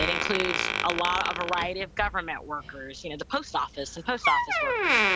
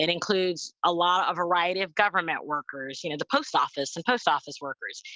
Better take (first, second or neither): second